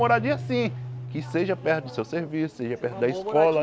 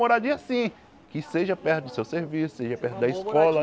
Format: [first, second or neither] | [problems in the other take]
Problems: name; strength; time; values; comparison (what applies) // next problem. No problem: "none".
second | background sound (Guitar); 12 dB below the speech